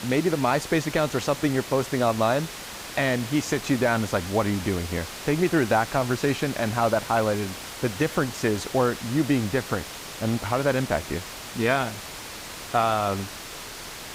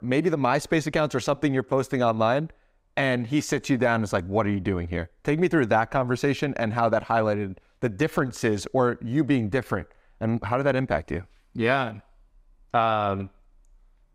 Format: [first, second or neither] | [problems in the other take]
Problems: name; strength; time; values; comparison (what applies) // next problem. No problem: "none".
second | hiss; noticeable; throughout; 10 dB below the speech